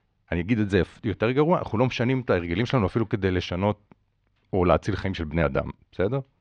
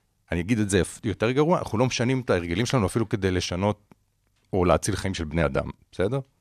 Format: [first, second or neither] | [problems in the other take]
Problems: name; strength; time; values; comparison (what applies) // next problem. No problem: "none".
second | muffled; slightly; fading above 3.5 kHz